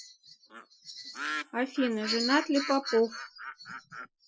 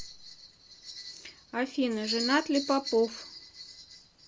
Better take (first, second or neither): second